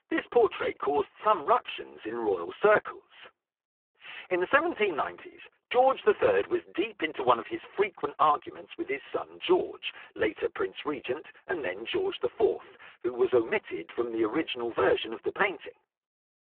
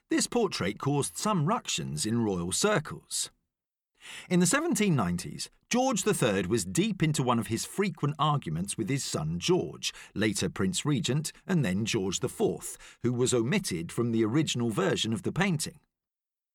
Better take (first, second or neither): second